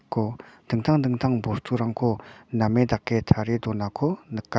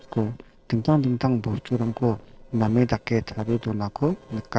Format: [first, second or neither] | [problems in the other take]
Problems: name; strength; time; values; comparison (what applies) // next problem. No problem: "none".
first | noise reduction (neural separator model SepFormer DNS4)